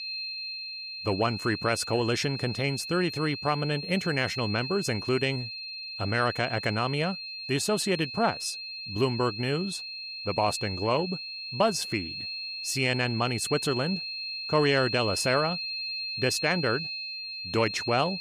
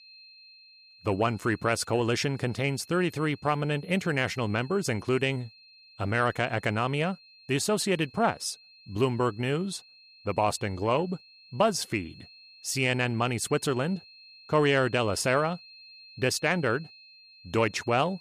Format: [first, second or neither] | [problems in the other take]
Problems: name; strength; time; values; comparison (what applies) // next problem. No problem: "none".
second | high-pitched whine; loud; throughout; 4 kHz, 6 dB below the speech; faint in the second